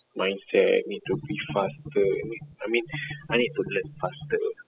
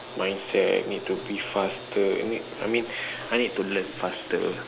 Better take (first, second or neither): second